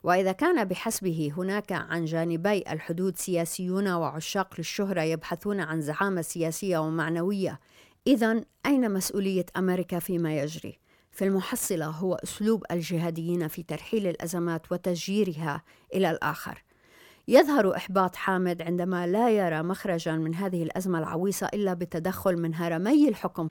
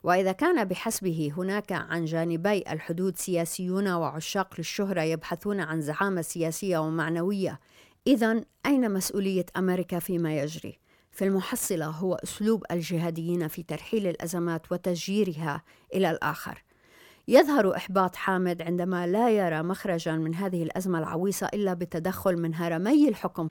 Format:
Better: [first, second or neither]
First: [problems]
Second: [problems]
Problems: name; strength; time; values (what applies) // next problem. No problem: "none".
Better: neither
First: none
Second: none